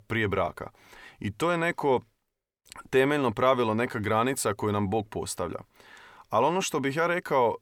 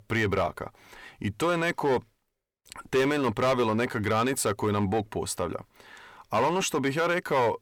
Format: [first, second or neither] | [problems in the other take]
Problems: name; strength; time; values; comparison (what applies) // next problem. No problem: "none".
first | distortion; slight; 6% of the sound clipped